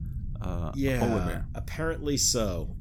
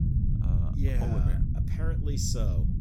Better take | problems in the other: first | low rumble; loud; throughout; 2 dB below the speech; faint in the first

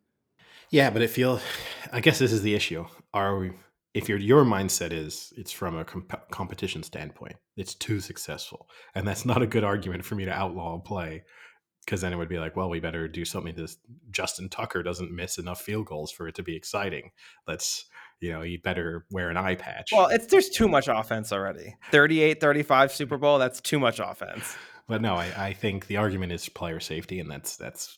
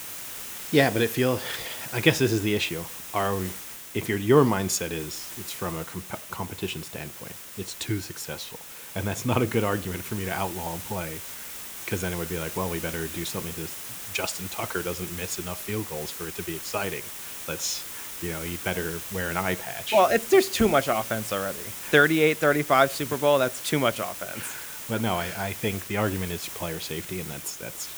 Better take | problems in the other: first | hiss; loud; throughout; 9 dB below the speech

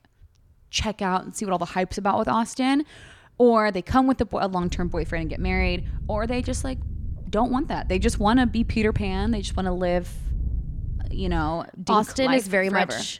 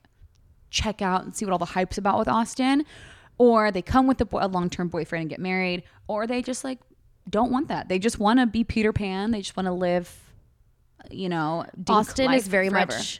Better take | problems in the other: second | low rumble; faint; from 4.5 to 11 s; 25 dB below the speech

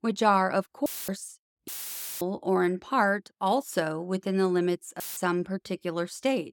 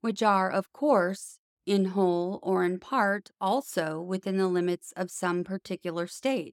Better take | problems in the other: second | audio cutting out; filled with static; at 1 s, at 1.5 s for 0.5 s and at 5 s

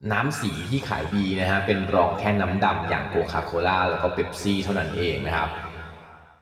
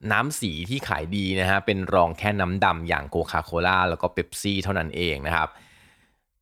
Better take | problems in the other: second | room echo; noticeable; dies away in 2.2 s // off-mic speech; far

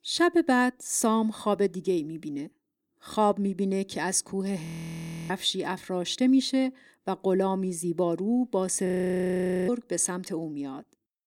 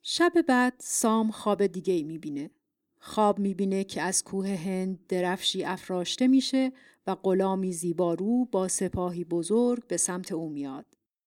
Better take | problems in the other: second | audio freezing; at 4.5 s for 0.5 s and at 9 s for 1 s

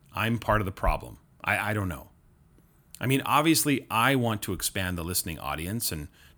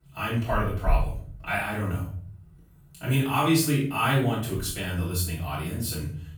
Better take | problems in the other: first | room echo; noticeable; dies away in 0.7 s // off-mic speech; far

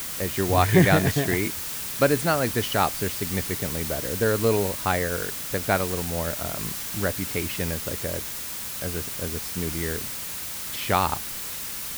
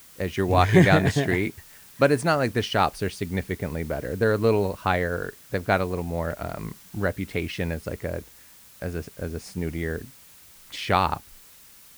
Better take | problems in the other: second | hiss; loud; throughout; 4 dB below the speech; faint in the second

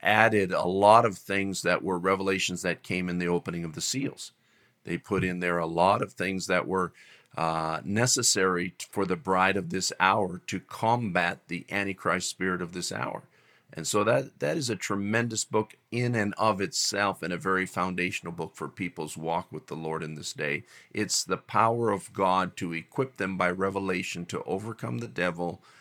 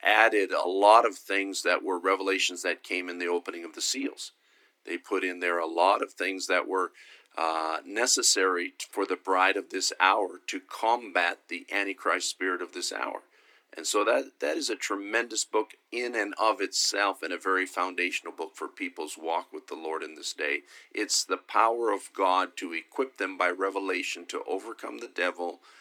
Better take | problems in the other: first | thin; somewhat; fading below 250 Hz

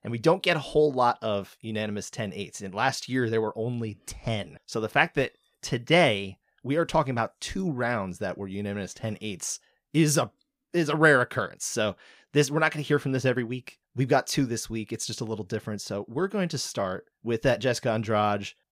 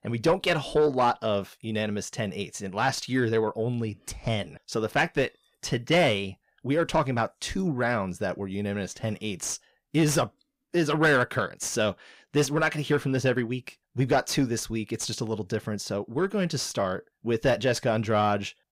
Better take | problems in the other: first | distortion; slight; 10 dB below the speech

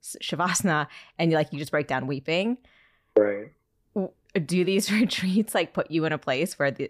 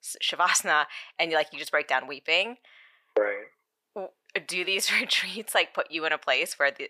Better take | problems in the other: first | thin; very; fading below 750 Hz

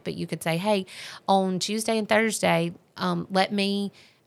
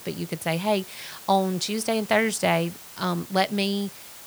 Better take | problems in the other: first | hiss; noticeable; throughout; 15 dB below the speech

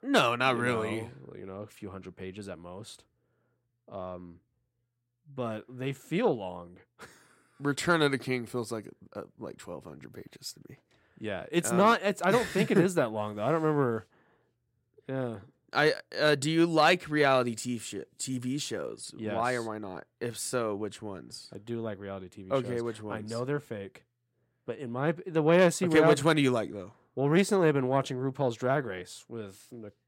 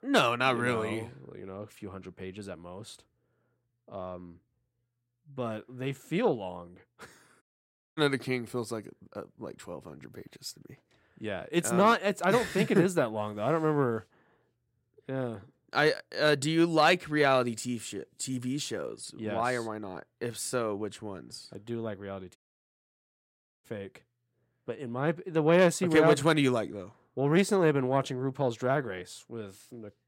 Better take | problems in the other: first | audio cutting out; at 7.5 s for 0.5 s and at 22 s for 1.5 s

